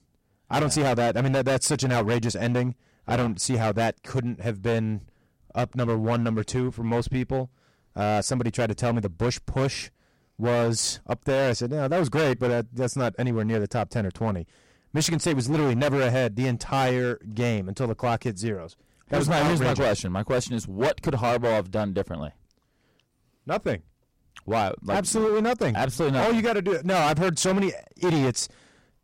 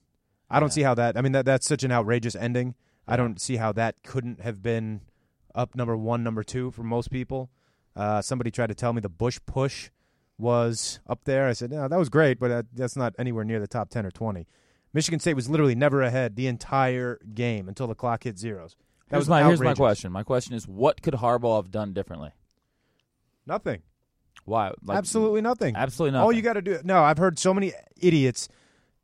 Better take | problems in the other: second | distortion; heavy; 16% of the sound clipped

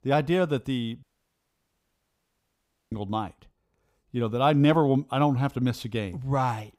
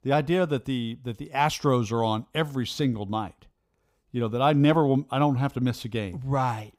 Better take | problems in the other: second | audio cutting out; at 1 s for 2 s

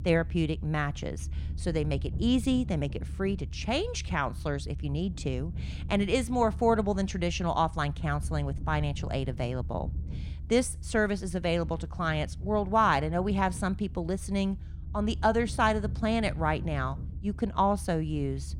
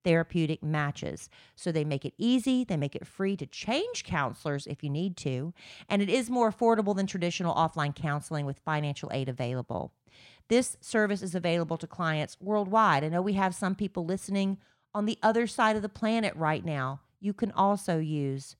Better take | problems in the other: second | low rumble; faint; throughout; 25 dB below the speech

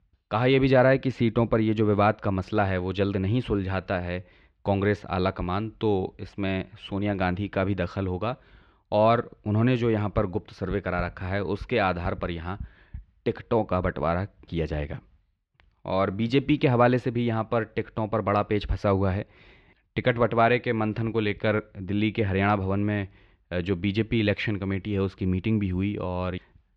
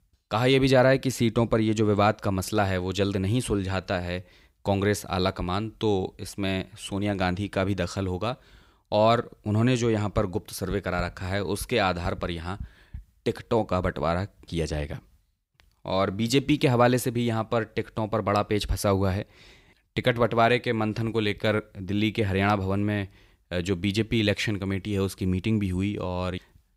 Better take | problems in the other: second | muffled; slightly; fading above 3 kHz

